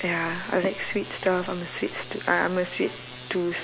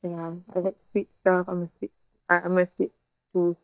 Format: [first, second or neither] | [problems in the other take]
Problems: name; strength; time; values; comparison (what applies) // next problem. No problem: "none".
first | noise reduction (neural mask model DeepFilterNet 3)